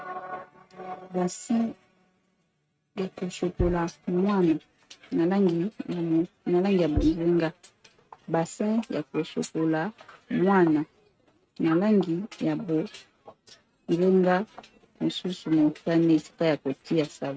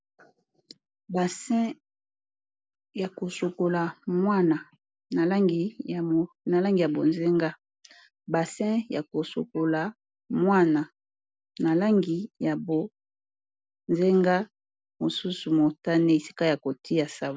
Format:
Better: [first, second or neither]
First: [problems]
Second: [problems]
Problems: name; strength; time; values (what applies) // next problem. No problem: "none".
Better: second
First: noise reduction (neural mask model RNNoise)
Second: none